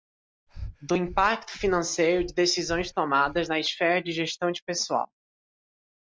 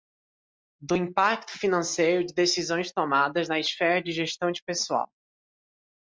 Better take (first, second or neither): second